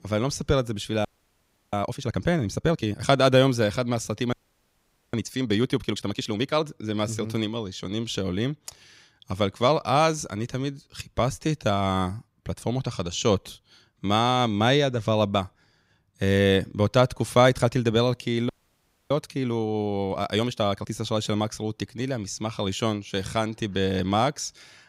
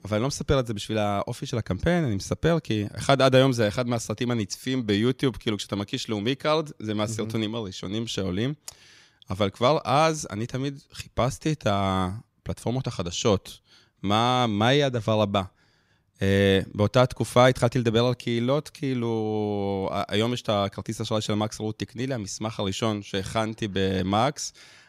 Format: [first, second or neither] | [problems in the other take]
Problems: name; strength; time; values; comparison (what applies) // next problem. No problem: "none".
second | audio freezing; at 1 s for 0.5 s, at 4.5 s for 1 s and at 18 s for 0.5 s